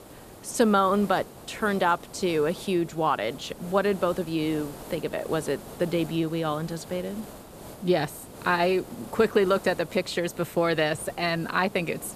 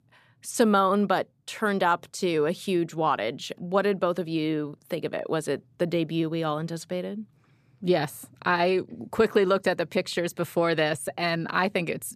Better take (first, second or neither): second